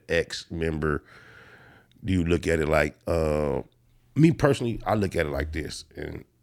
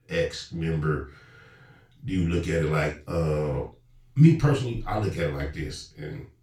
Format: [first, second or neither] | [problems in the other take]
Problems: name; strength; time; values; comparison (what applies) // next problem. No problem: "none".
first | room echo; noticeable; dies away in 0.3 s // off-mic speech; far